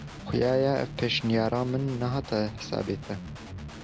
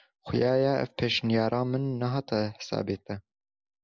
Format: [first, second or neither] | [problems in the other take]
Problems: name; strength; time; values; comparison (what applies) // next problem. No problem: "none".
second | background sound (Guitar); 12 dB below the speech